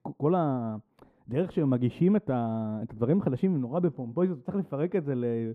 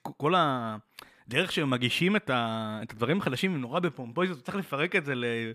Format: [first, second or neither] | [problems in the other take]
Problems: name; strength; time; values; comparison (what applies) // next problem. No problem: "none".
second | muffled; very; fading above 1 kHz